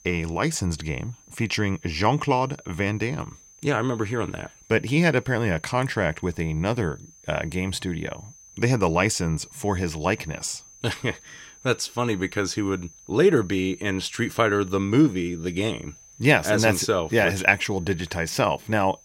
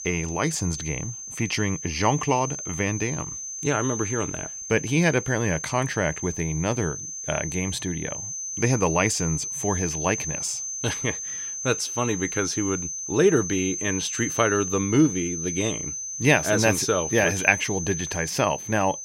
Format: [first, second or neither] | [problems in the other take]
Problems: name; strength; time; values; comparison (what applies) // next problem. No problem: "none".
first | high-pitched whine; loud; throughout; 6 kHz, 5 dB below the speech; faint in the first